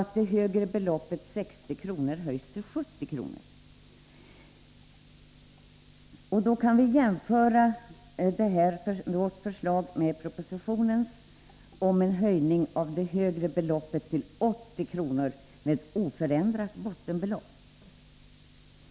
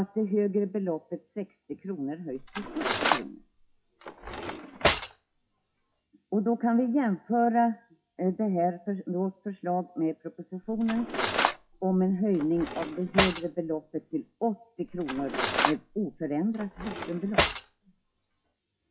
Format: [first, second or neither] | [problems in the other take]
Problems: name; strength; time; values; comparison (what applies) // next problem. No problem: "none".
first | noise reduction (classical method WPE with log-MMSE)